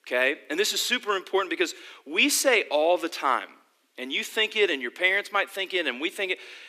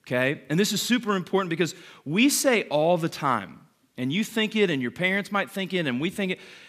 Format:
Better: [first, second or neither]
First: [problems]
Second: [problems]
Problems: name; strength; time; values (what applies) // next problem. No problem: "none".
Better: second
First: thin; somewhat; fading below 300 Hz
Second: none